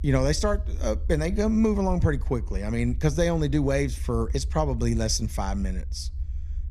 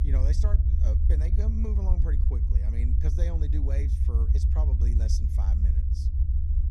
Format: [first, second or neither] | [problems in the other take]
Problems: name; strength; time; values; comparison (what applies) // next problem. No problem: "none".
first | low rumble; loud; throughout; as loud as the speech; faint in the first